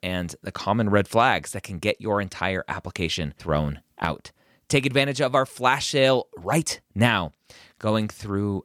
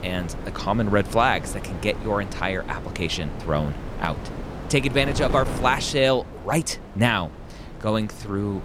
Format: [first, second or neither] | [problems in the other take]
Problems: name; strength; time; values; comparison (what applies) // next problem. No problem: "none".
first | wind noise on the microphone; occasional gusts; 15 dB below the speech